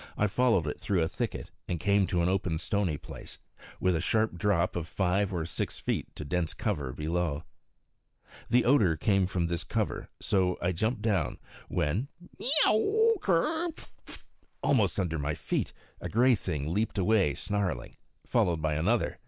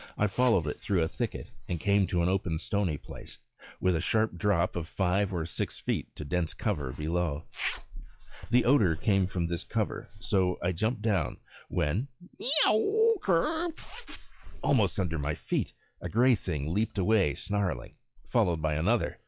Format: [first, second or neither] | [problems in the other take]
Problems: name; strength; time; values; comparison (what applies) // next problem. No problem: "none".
first | noise reduction (classical method log-MMSE)